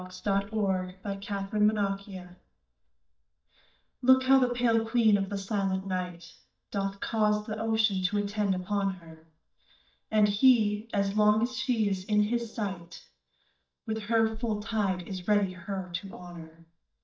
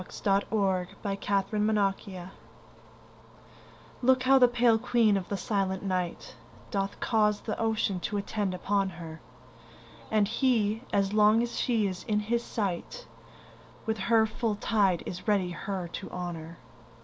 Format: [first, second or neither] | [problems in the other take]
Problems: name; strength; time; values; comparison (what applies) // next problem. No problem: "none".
second | noise reduction (neural mask model DeepFilterNet 3)